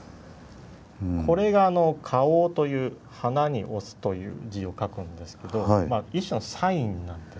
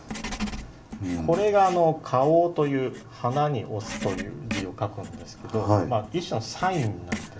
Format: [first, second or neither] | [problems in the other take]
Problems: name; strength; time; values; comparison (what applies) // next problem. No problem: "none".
first | background sound (Writing); 12 dB below the speech // room echo; dies away in 0.4 s